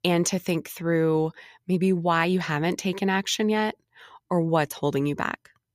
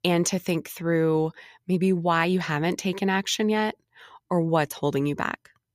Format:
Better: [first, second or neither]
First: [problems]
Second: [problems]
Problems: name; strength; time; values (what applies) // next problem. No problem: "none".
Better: neither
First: none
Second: none